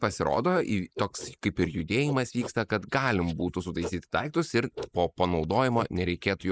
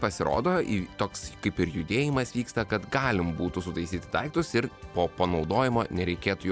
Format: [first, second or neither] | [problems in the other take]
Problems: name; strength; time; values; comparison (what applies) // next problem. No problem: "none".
second | noise reduction (neural mask model Resemble Enhance denoiser)